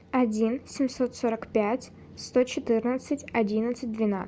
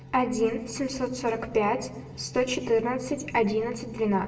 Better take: first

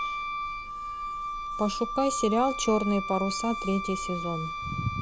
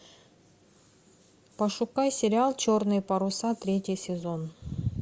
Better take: second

